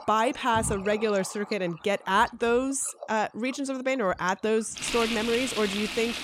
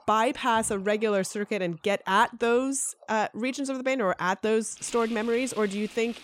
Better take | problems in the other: second | household noises; loud; throughout; 8 dB below the speech; faint in the second

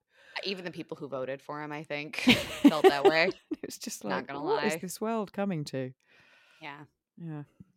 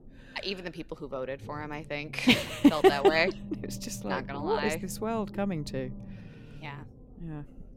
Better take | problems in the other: first | low rumble; faint; throughout; 25 dB below the speech

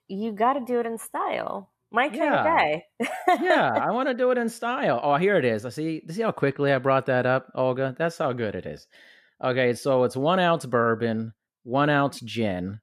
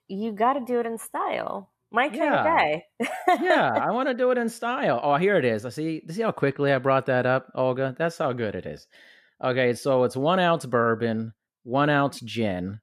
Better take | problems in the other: neither | none

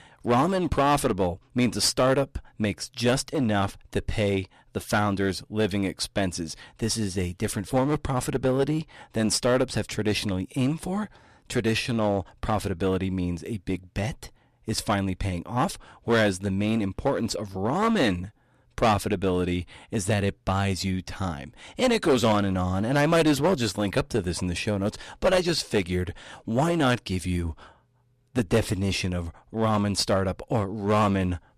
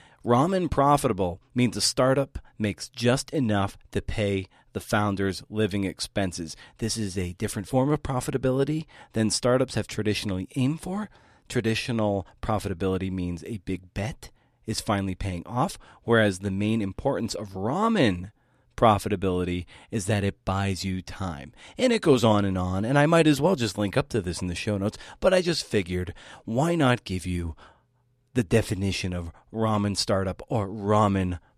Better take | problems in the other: second | distortion; slight; 7% of the sound clipped

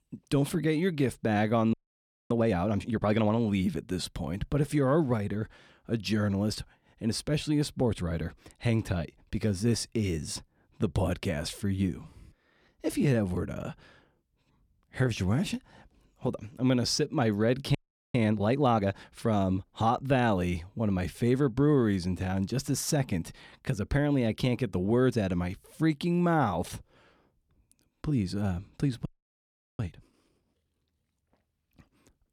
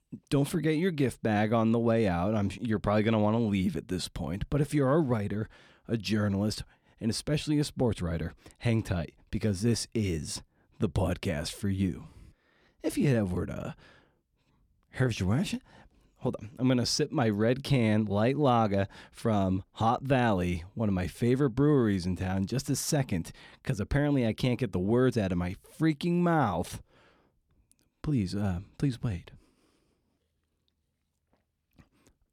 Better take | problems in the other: second | audio freezing; at 1.5 s for 0.5 s, at 18 s and at 29 s for 0.5 s

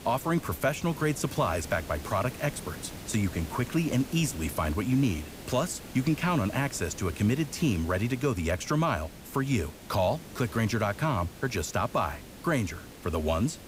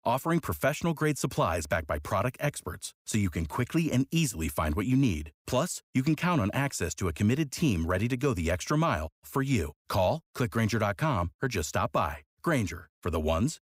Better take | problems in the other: second | hiss; noticeable; throughout; 15 dB below the speech

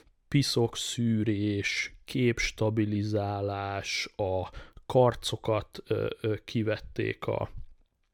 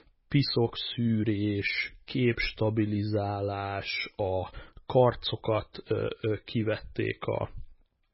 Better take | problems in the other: first | garbled, watery; badly; nothing above 5.5 kHz

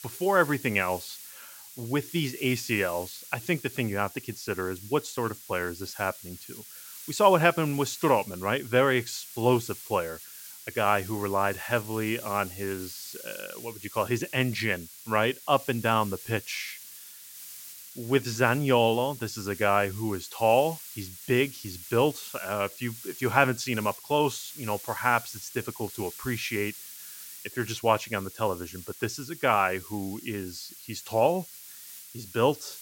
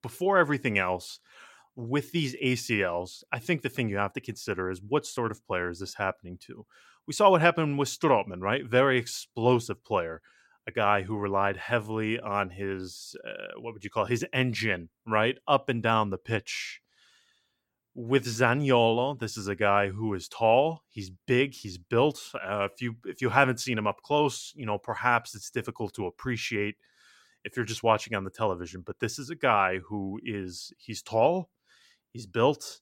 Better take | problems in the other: second | hiss; noticeable; throughout; 15 dB below the speech

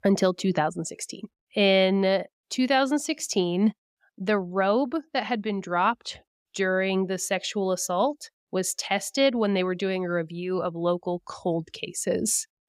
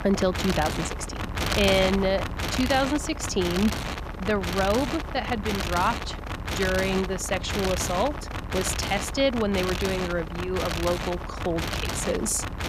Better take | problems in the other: first | wind noise on the microphone; heavy; 4 dB below the speech

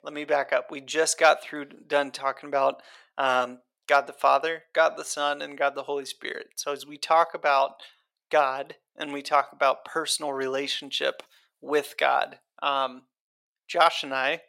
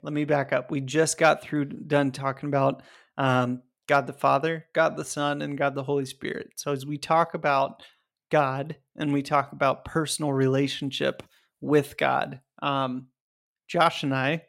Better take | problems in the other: second | thin; somewhat; fading below 600 Hz

